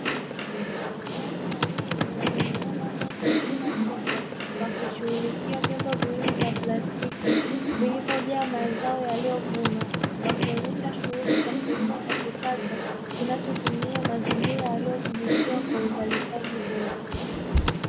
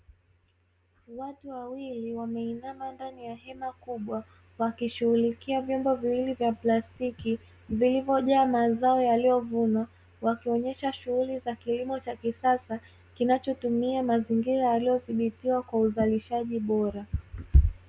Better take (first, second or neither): second